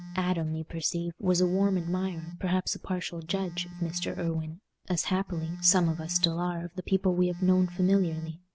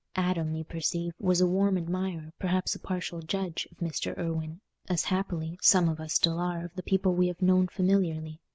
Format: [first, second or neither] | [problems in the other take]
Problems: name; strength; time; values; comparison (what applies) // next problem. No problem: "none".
second | background sound (Telephone); 15 dB below the speech